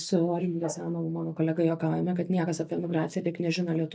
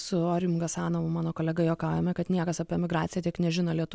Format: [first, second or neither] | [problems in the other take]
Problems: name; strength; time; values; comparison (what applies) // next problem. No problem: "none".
second | noise reduction (neural mask model DeepFilterNet 3)